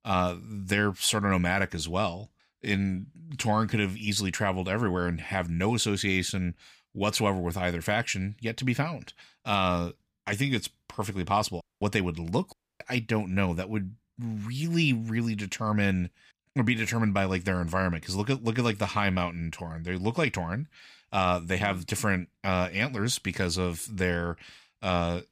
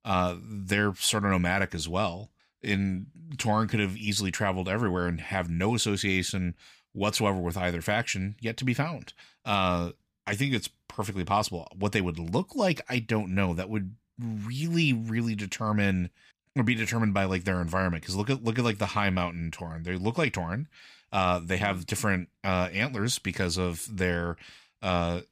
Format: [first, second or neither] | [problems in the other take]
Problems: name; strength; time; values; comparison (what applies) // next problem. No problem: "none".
second | audio cutting out; at 12 s and at 13 s